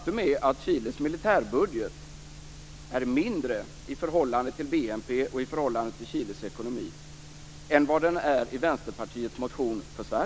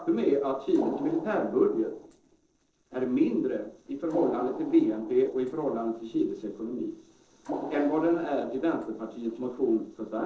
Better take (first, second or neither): first